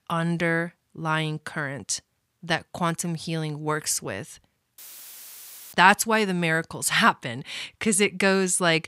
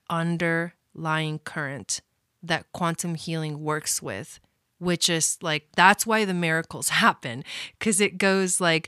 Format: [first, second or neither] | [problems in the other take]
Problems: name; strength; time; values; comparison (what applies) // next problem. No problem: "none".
second | audio cutting out; filled with static; at 5 s for 1 s